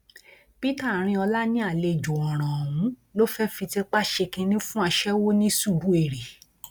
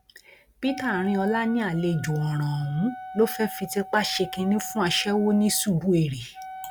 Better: first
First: none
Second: background sound (Wind instrument, woodwind instrument); 15 dB below the speech

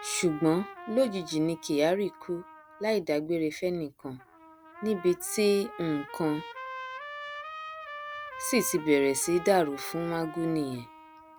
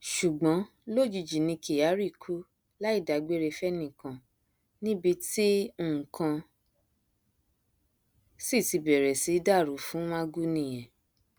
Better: second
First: background sound (Trumpet); 14 dB below the speech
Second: none

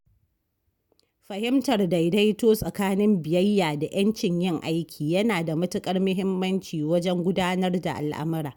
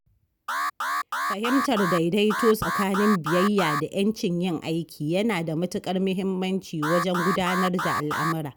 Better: first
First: none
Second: background sound (Alarm); 3 dB below the speech

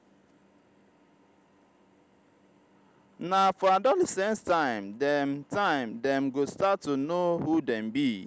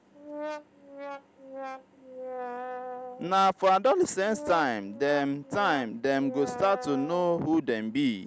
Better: first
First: none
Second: background sound (Brass instrument); 12 dB below the speech

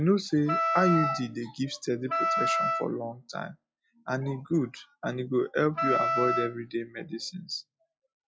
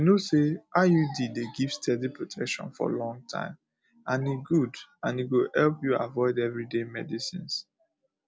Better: second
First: noise reduction (classical method log-MMSE)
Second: none

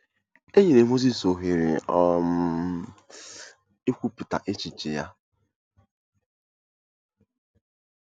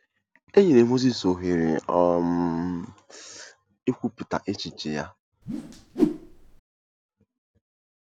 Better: first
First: none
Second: background sound (Whoosh, swoosh, swish); 3 dB below the speech

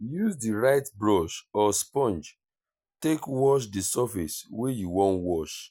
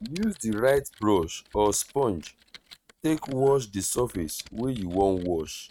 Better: first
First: none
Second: noise reduction (neural mask model RNNoise)

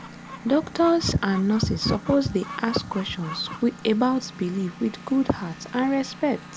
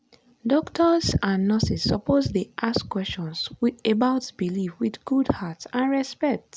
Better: second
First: background sound (Chicken, rooster + Engine); 15 dB below the speech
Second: none

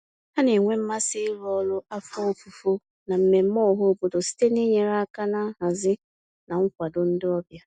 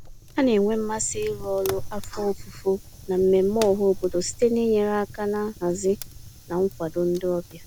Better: first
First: none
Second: background sound (Fire); 13 dB below the speech

